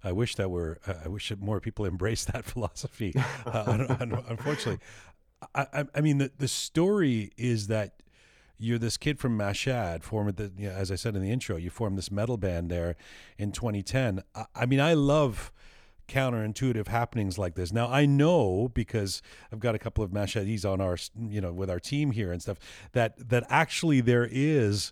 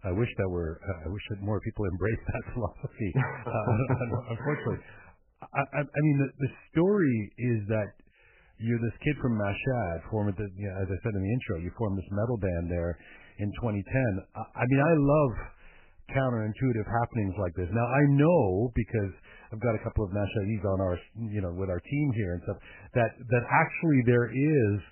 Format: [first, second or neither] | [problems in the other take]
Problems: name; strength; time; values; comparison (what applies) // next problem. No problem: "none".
first | garbled, watery; badly; nothing above 2.5 kHz